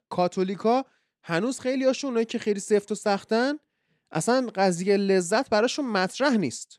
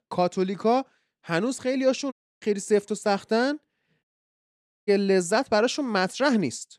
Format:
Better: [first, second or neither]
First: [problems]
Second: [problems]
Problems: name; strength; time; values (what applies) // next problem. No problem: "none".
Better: first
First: none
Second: audio cutting out; at 2 s and at 4 s for 1 s